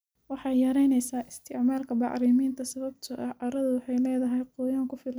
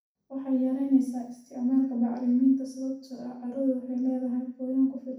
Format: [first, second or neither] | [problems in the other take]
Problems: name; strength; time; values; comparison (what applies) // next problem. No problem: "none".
first | room echo; dies away in 0.6 s